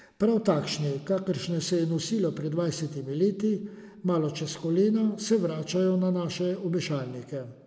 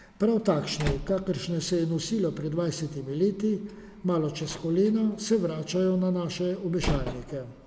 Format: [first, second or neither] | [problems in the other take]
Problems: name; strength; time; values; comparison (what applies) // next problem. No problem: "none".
first | background sound (Slam); 12 dB below the speech